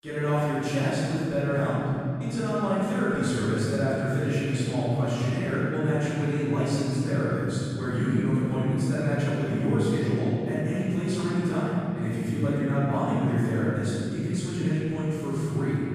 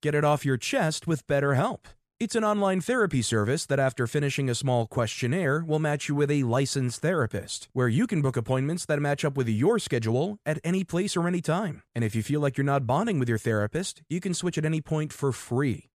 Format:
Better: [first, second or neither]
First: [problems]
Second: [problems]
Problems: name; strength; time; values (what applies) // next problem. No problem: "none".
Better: second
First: room echo; strong; dies away in 3 s // off-mic speech; far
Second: none